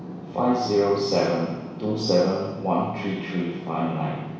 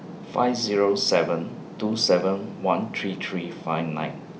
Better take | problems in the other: second | room echo; dies away in 1.1 s

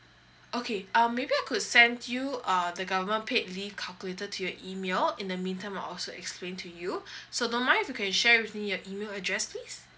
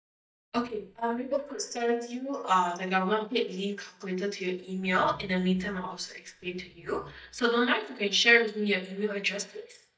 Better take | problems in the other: first | noise reduction (neural mask model DeepFilterNet 3)

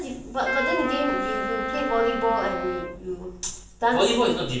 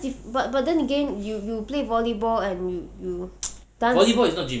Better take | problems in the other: second | background sound (Wind instrument, woodwind instrument); 4 dB below the speech // room echo; dies away in 0.7 s

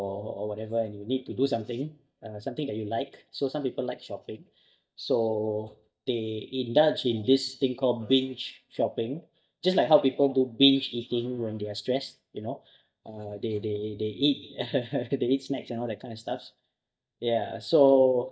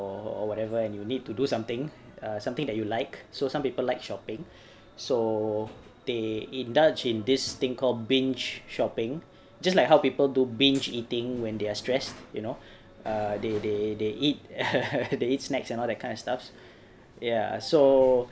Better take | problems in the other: second | noise reduction (neural mask model DeepFilterNet 3)

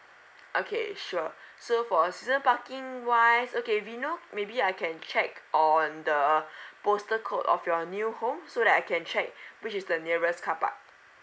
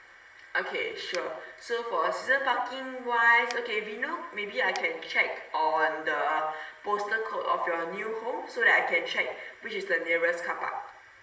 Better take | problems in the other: first | background sound (Finger snapping); 15 dB below the speech // room echo; dies away in 0.8 s

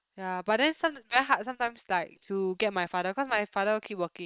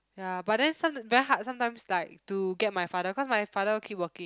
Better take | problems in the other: second | noise reduction (neural separator model SepFormer WHAM!)

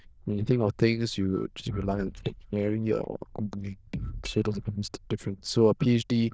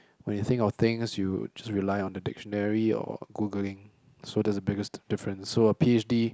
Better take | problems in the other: second | noise reduction (neural diffusion model UNIVERSE++)

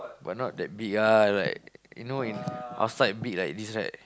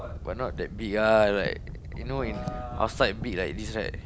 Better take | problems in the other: first | background sound (Animal); 9 dB below the speech

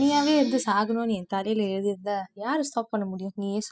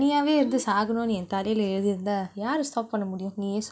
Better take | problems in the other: second | noise reduction (classical method spectral subtraction)

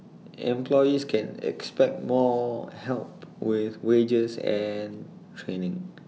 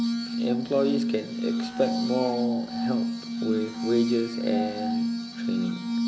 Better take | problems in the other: first | background sound (Glass); 2 dB above the speech

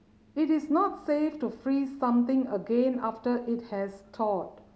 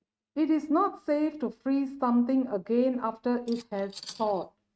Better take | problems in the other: first | noise reduction (neural mask model RNNoise)

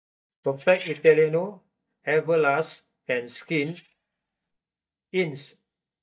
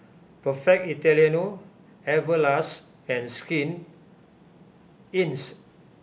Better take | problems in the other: second | noise reduction (neural mask model DeepFilterNet 3)

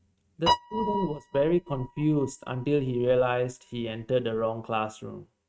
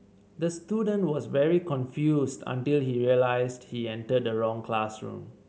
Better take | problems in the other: second | noise reduction (neural mask model RNNoise)

